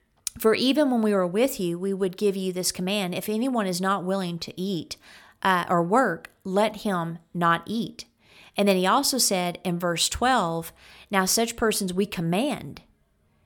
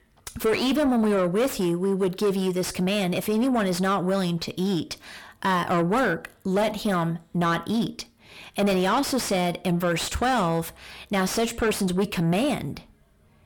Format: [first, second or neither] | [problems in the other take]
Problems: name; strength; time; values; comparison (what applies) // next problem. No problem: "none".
first | distortion; heavy; 6 dB below the speech